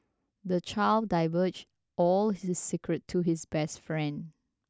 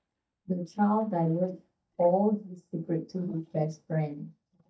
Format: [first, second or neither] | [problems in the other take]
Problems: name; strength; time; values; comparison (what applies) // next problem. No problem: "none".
first | noise reduction (neural mask model DeepFilterNet 3)